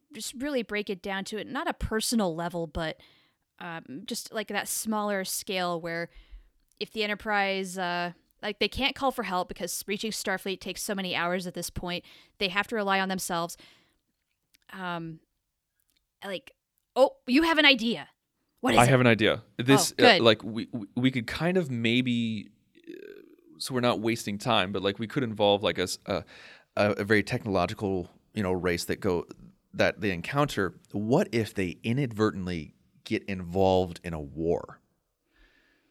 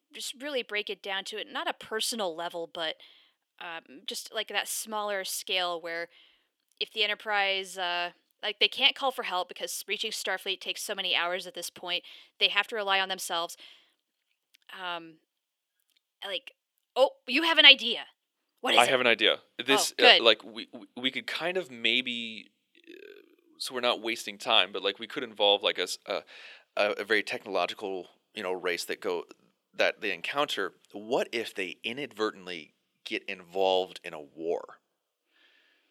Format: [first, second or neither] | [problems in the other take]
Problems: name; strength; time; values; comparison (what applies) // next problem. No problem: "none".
first | thin; somewhat; fading below 450 Hz